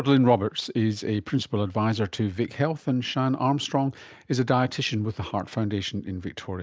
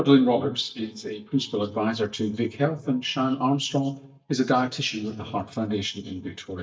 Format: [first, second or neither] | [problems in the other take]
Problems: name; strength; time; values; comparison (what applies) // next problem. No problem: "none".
first | noise reduction (neural mask model DeepFilterNet 3)